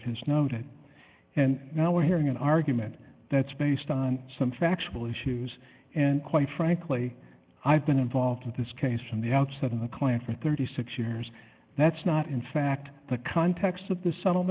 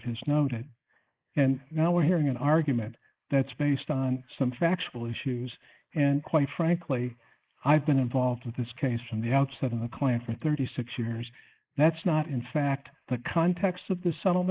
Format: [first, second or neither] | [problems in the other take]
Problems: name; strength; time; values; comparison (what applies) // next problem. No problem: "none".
first | noise reduction (neural mask model Resemble Enhance denoiser)